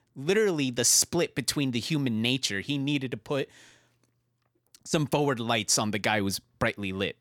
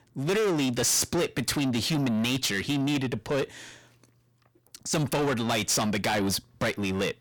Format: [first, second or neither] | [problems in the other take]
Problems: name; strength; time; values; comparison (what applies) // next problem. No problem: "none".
first | distortion; heavy; 6 dB below the speech